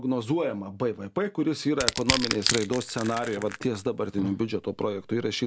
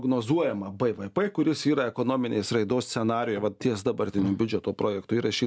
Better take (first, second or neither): second